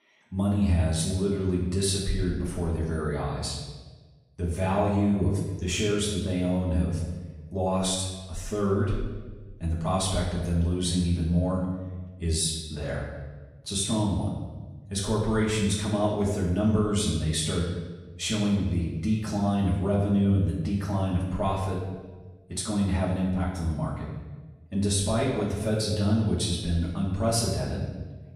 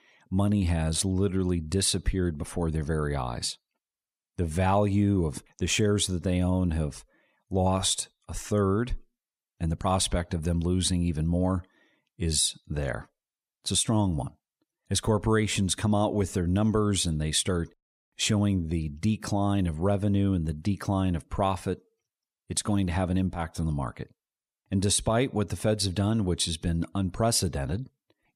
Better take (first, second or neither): second